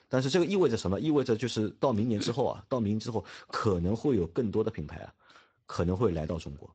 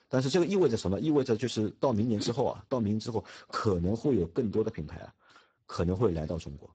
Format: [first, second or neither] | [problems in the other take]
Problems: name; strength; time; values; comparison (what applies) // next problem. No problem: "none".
first | garbled, watery; badly; nothing above 8 kHz; slightly in the first